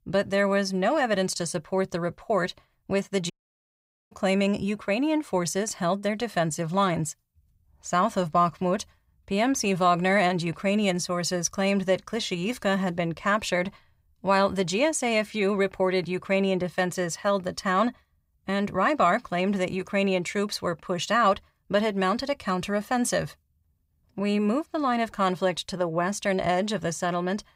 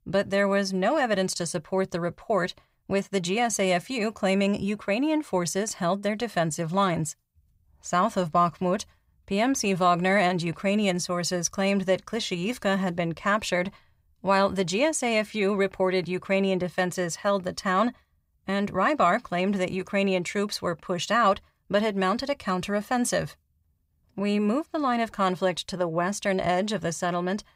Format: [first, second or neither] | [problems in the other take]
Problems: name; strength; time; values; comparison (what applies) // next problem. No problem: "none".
second | audio cutting out; at 3.5 s for 1 s